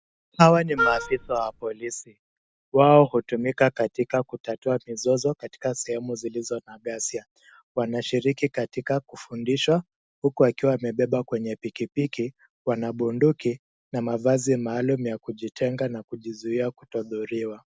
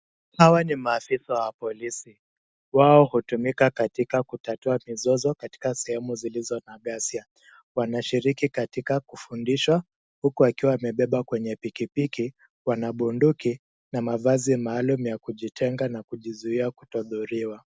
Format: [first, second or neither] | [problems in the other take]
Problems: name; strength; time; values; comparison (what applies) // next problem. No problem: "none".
second | background sound (Wind instrument, woodwind instrument); 3 dB below the speech